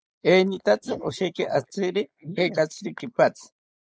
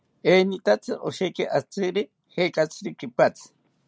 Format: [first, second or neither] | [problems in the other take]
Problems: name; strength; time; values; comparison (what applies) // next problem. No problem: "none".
second | noise reduction (neural mask model Resemble Enhance denoiser)